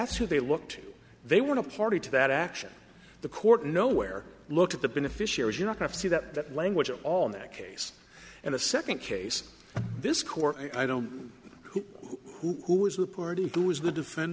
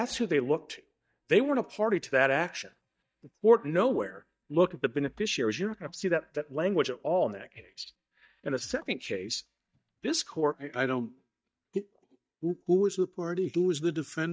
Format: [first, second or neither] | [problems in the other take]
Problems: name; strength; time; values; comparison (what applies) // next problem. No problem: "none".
first | noise reduction (neural mask model DeepFilterNet 3)